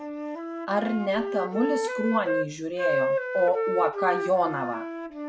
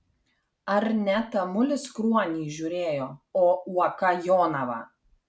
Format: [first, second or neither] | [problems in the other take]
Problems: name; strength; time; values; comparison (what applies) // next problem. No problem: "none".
second | background sound (Wind instrument, woodwind instrument); 2 dB below the speech